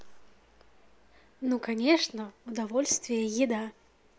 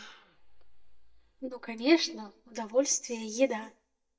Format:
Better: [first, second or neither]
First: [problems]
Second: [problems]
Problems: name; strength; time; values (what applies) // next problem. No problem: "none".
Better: first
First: none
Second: noise reduction (neural mask model DeepFilterNet 3)